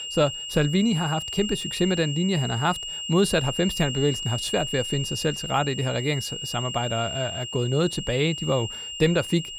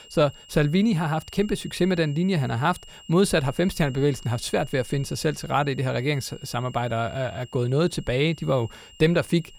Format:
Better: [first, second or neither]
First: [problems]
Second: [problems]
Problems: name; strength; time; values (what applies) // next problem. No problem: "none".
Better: second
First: high-pitched whine; loud; throughout; 3 kHz, 6 dB below the speech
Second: high-pitched whine; faint; throughout; 3 kHz, 20 dB below the speech